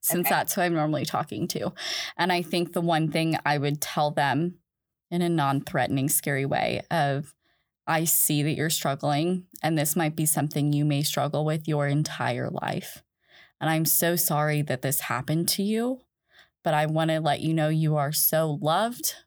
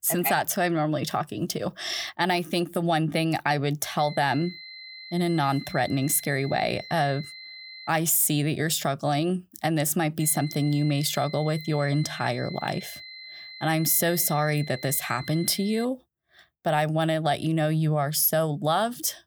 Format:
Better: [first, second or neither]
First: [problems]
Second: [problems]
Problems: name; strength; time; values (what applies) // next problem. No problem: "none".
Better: first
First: none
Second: high-pitched whine; noticeable; from 4 to 8 s and from 10 to 16 s; 4 kHz, 15 dB below the speech